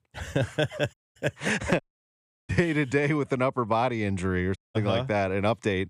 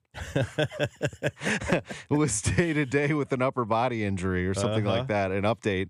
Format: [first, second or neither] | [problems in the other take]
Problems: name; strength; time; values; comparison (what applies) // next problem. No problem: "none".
second | audio cutting out; at 1 s, at 2 s for 0.5 s and at 4.5 s